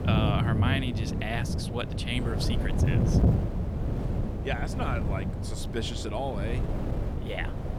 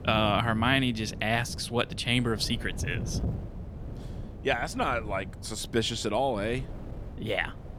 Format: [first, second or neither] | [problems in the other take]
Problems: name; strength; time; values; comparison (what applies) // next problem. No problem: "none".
second | wind noise on the microphone; heavy; 4 dB below the speech; occasional gusts in the second